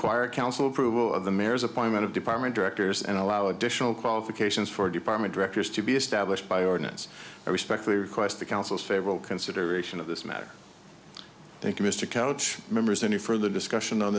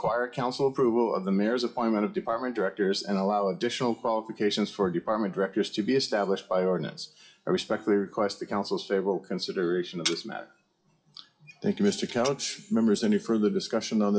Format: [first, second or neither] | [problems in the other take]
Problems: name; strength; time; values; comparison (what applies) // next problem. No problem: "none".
first | noise reduction (classical method WPE with log-MMSE)